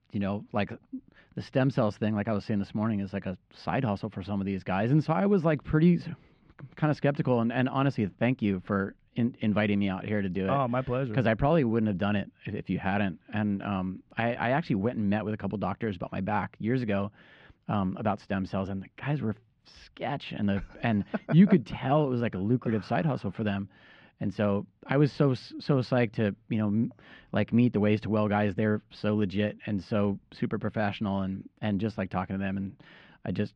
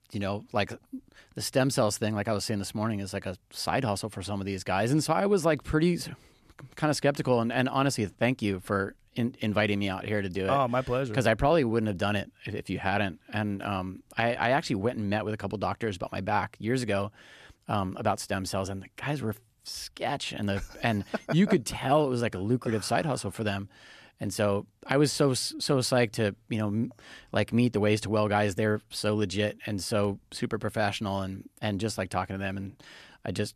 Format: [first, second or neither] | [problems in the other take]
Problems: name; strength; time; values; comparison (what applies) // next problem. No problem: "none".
second | muffled; slightly; fading above 3 kHz